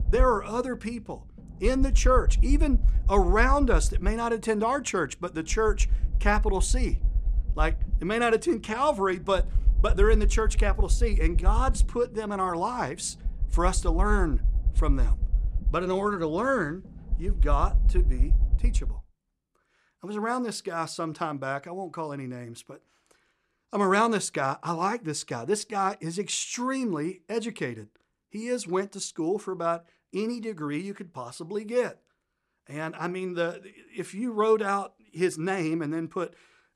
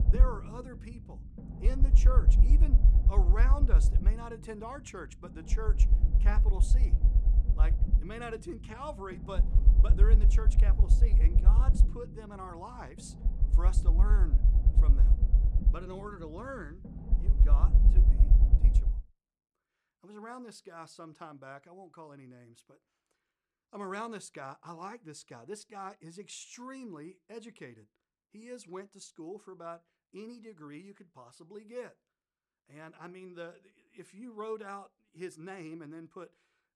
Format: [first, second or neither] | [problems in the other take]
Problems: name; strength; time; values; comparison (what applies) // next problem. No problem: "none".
first | low rumble; loud; until 19 s; 5 dB below the speech; faint in the first